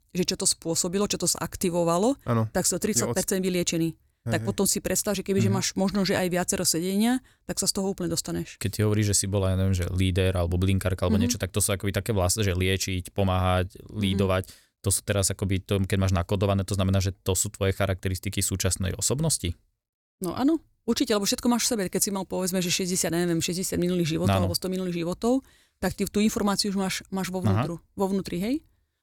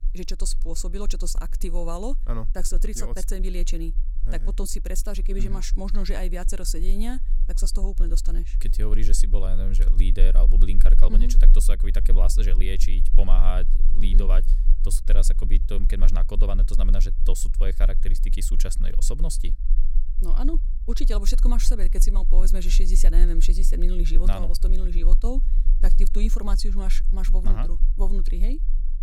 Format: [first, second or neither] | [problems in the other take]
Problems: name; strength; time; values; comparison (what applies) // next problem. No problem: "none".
first | low rumble; noticeable; throughout; 15 dB below the speech